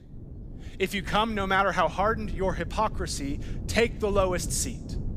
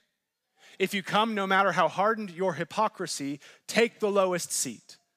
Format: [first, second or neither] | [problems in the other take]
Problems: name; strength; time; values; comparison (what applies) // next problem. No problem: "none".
second | wind noise on the microphone; occasional gusts; 20 dB below the speech